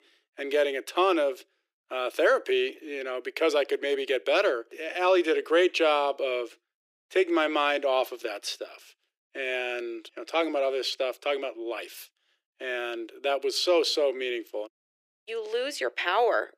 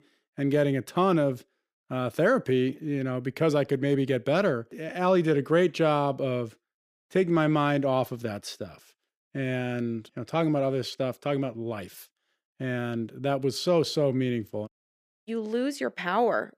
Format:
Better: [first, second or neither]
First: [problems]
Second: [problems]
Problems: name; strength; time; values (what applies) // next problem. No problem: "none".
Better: second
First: thin; very; fading below 350 Hz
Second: none